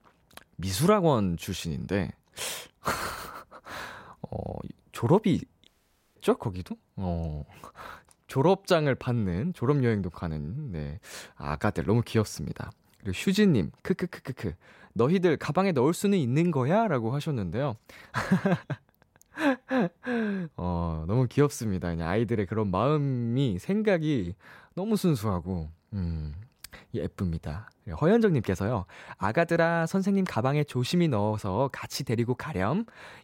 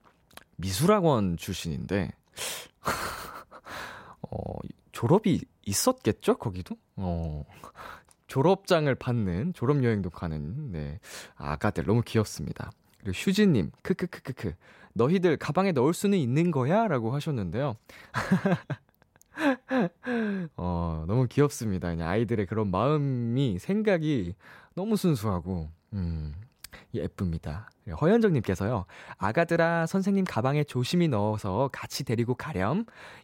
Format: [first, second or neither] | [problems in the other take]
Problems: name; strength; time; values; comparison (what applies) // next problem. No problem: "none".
second | audio cutting out; at 5.5 s